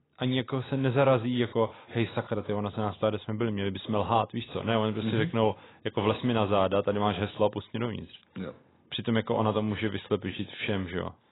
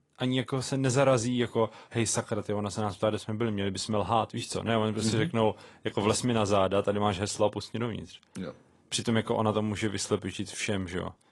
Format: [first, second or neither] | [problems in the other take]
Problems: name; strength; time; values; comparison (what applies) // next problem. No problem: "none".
second | garbled, watery; badly; nothing above 4 kHz; slightly in the second